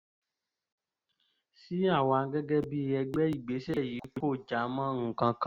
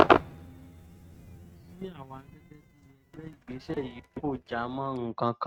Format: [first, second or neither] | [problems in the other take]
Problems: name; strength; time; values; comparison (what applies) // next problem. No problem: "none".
first | noise reduction (neural mask model RNNoise)